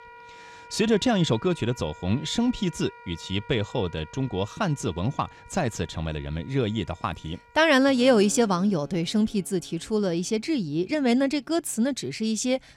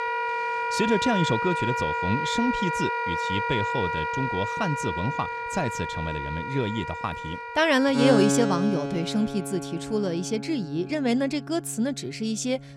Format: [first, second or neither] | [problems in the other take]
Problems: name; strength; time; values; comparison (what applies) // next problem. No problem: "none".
first | background music; loud; throughout; 1 dB below the speech; faint in the first